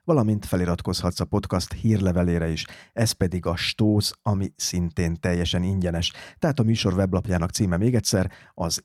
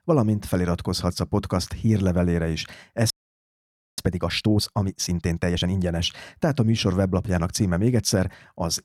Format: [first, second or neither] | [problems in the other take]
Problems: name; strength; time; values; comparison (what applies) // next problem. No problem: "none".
first | audio freezing; at 3 s for 1 s